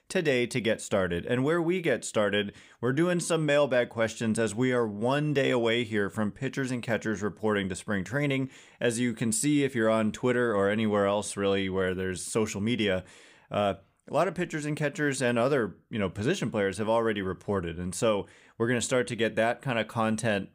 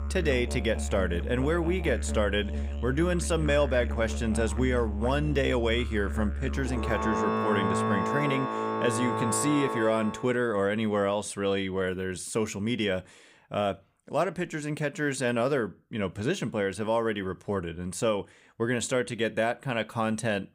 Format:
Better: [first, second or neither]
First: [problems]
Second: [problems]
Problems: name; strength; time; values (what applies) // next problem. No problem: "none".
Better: first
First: none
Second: background music; loud; until 10 s; 3 dB below the speech